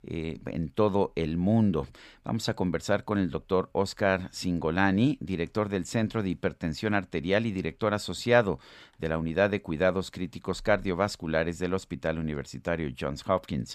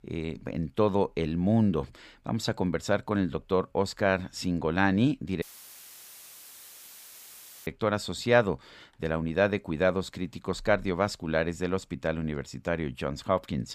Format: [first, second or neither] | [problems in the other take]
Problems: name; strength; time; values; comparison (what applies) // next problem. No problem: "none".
first | audio cutting out; filled with static; at 5.5 s for 2.5 s